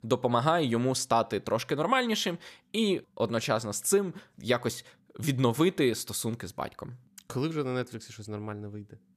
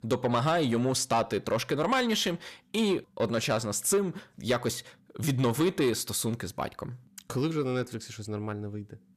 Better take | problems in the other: first | distortion; slight; 10 dB below the speech

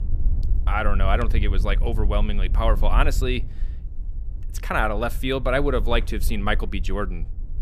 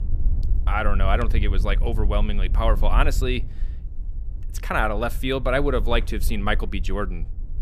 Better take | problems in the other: neither | wind noise on the microphone; occasional gusts; 20 dB below the speech; the same in both

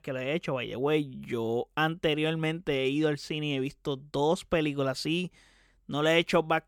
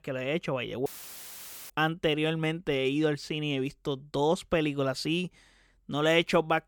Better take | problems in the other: first | audio cutting out; filled with static; at 1 s for 1 s

